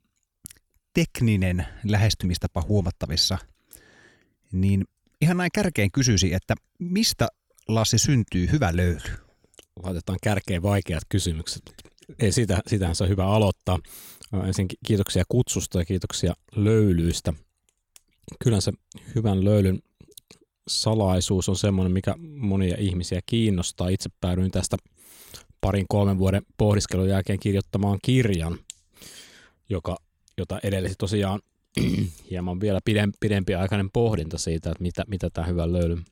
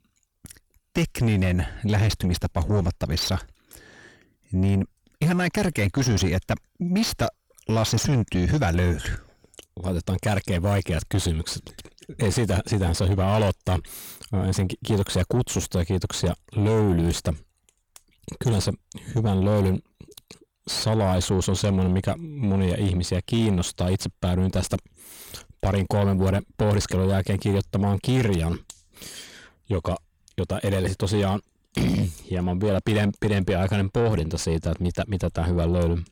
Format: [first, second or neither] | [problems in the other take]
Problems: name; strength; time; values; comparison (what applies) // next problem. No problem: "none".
first | distortion; slight; 9 dB below the speech